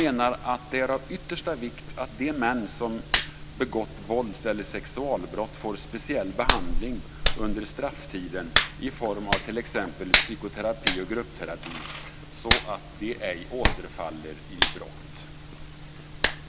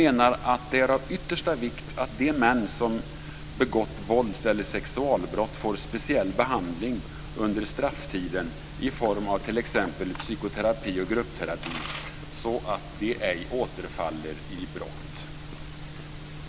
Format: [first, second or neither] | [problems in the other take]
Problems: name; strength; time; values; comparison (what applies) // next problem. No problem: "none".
second | background sound (Hands); as loud as the speech